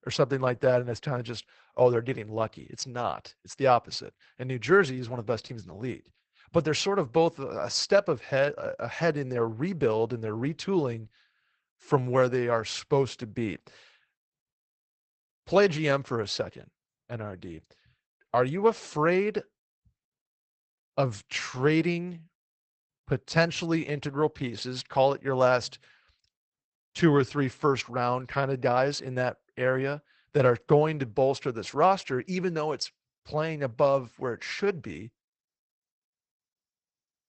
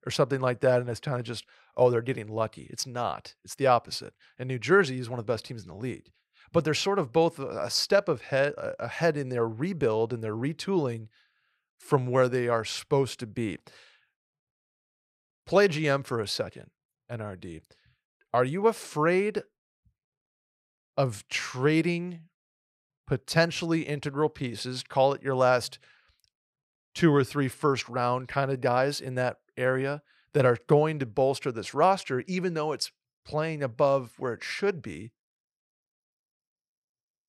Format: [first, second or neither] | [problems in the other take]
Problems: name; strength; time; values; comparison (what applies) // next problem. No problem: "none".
second | garbled, watery; badly; nothing above 8 kHz